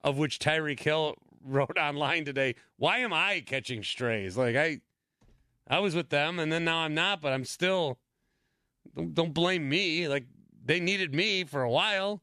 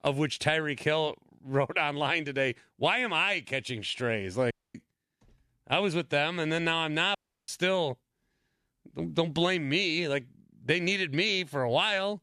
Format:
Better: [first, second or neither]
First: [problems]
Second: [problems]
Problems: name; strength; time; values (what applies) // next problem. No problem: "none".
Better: first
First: none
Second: audio cutting out; at 4.5 s and at 7 s